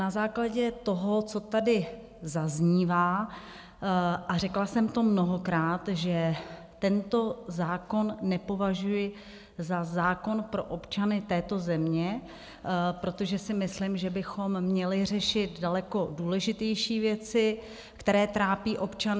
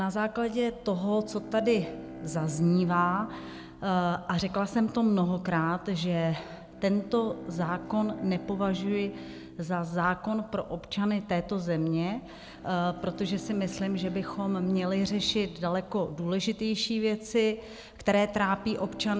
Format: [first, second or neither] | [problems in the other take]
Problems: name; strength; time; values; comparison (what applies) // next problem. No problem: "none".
first | background sound (Bowed string instrument); 16 dB below the speech